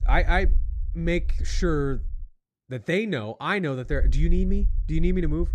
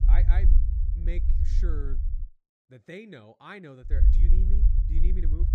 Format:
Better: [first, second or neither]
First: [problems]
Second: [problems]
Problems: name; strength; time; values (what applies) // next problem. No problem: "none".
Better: first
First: low rumble; faint; until 2 s and from 4 s on; 25 dB below the speech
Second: low rumble; loud; until 2 s and from 4 s on; 3 dB below the speech